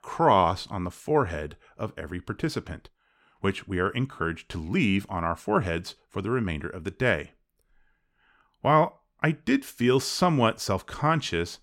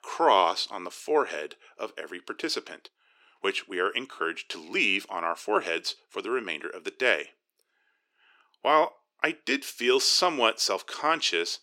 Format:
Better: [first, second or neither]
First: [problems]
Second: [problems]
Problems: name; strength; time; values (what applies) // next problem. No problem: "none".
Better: first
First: none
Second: thin; somewhat; fading below 350 Hz